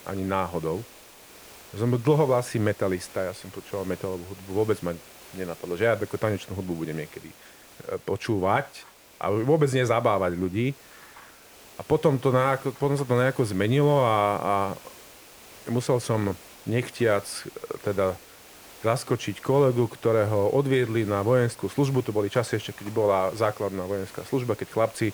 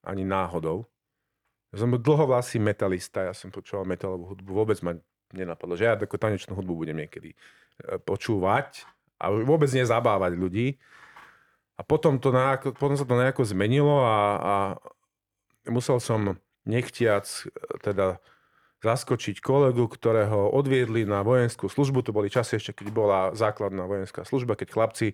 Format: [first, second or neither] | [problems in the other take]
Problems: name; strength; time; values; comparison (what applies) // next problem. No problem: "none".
second | hiss; faint; throughout; 20 dB below the speech